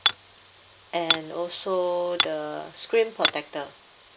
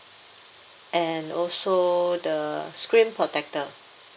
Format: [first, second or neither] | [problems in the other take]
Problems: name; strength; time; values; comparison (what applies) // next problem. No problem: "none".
second | background sound (Hammer); 1 dB below the speech